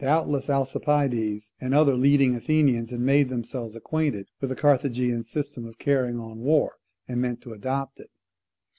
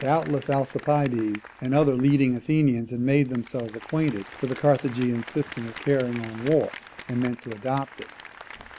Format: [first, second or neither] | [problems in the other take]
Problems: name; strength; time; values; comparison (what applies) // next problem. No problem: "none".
first | background sound (Applause); 18 dB below the speech